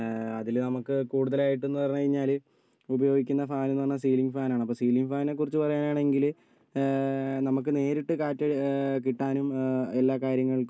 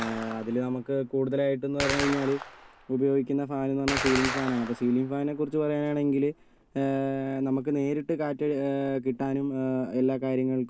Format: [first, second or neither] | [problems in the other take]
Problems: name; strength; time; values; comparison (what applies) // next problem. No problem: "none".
first | background sound (Gunshot, gunfire); 11 dB below the speech